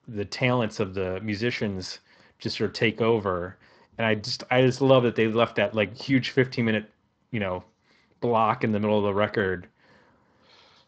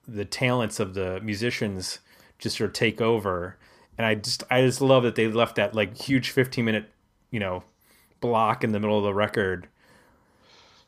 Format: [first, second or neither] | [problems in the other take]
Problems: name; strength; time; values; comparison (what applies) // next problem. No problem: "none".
second | garbled, watery; slightly; nothing above 7.5 kHz